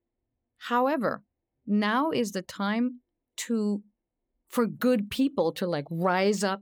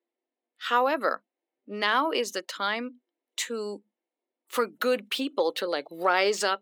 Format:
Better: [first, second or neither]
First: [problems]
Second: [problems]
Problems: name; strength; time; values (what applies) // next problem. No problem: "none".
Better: first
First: none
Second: thin; somewhat; fading below 300 Hz